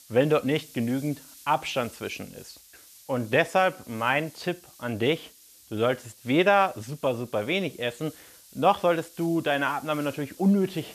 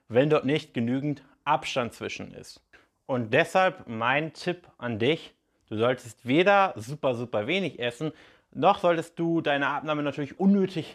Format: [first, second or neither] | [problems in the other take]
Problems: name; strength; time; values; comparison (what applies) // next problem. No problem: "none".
second | hiss; faint; throughout; 20 dB below the speech